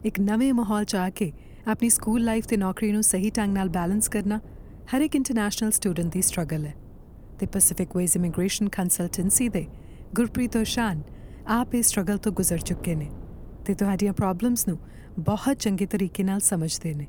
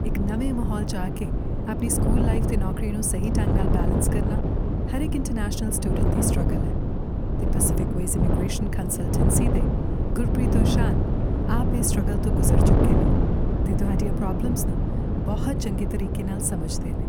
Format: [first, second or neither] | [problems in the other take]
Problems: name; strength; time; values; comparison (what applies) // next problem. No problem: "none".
first | wind noise on the microphone; heavy; 1 dB above the speech; occasional gusts in the first